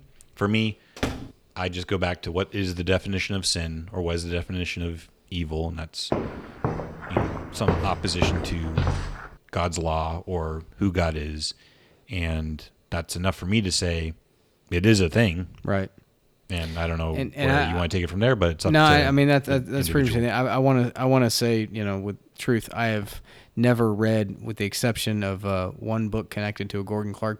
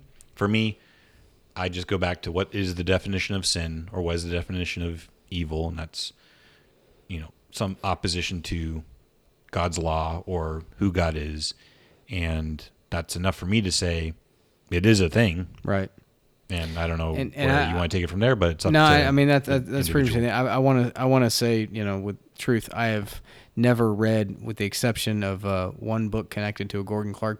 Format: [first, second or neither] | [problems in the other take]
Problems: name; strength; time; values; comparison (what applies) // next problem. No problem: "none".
second | door banging; noticeable; at 1 s; peak 6 dB below the speech // footsteps; noticeable; from 6 to 9 s; peak 1 dB below the speech